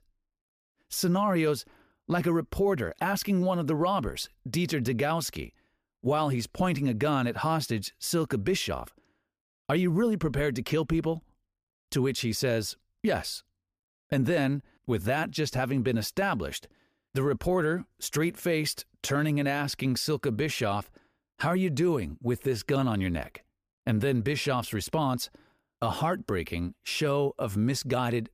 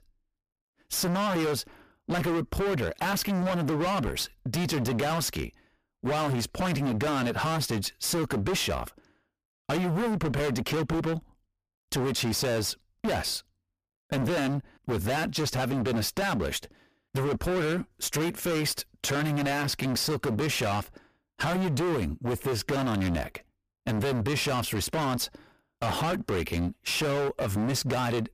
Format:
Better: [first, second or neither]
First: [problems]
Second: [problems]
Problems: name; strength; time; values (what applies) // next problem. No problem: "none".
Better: first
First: none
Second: distortion; heavy; 31% of the sound clipped